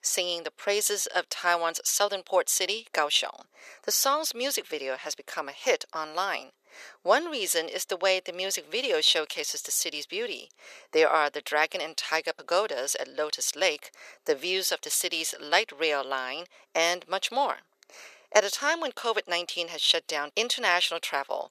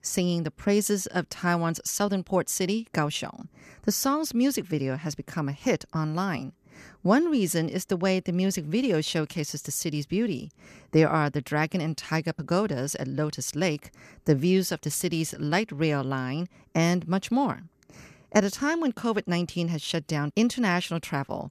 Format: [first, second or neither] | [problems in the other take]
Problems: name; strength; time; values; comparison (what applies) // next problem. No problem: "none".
second | thin; very; fading below 500 Hz